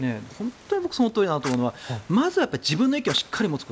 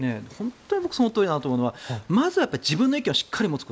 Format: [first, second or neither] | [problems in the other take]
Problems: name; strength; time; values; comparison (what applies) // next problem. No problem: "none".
second | background sound (Fire); 19 dB below the speech